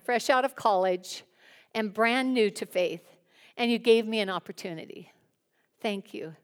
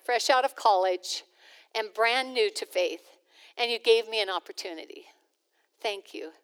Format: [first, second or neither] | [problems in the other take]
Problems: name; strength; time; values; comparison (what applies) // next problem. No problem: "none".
first | thin; very; fading below 300 Hz